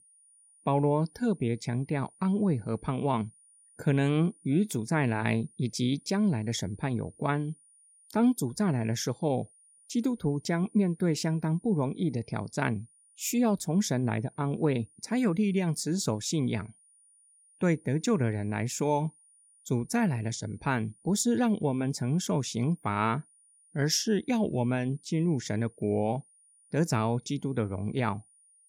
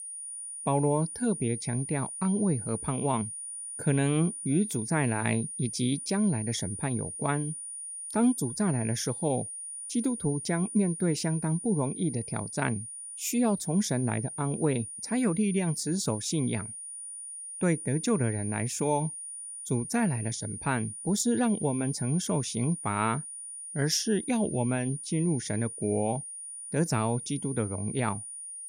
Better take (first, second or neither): first